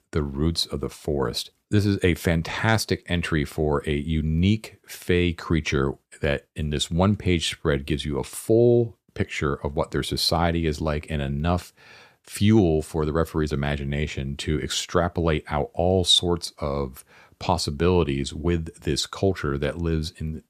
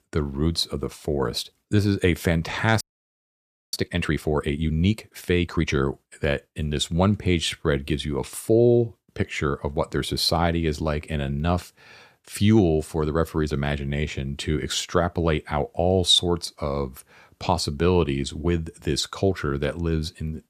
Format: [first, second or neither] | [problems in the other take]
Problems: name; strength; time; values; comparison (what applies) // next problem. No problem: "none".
first | audio freezing; at 3 s for 1 s